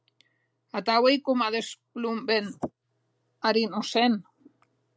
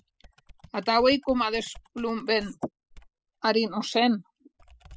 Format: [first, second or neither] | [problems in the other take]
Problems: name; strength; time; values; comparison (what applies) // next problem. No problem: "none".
first | noise reduction (classical method spectral subtraction)